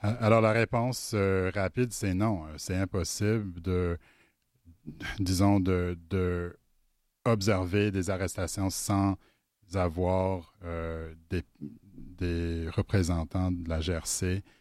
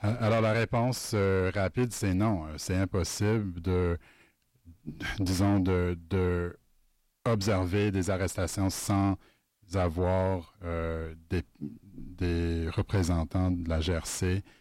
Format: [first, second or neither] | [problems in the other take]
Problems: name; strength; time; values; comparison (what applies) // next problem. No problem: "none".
first | distortion; slight; 10 dB below the speech